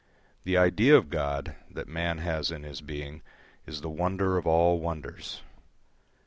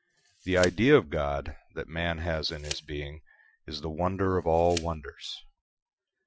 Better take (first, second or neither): first